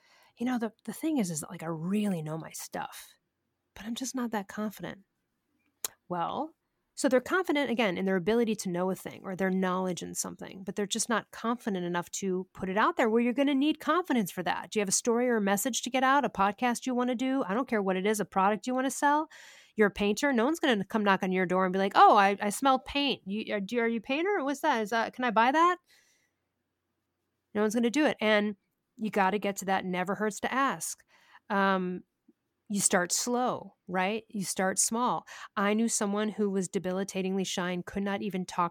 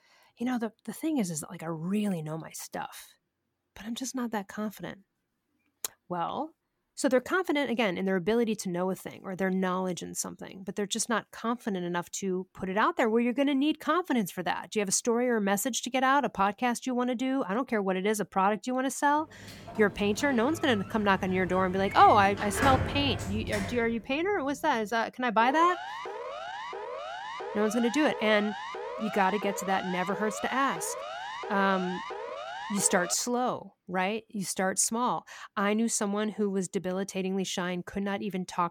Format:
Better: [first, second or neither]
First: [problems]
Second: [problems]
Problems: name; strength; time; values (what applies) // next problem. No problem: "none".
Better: first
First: none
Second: door banging; loud; from 20 to 24 s; peak level with the speech // siren; noticeable; from 25 to 33 s; peak 8 dB below the speech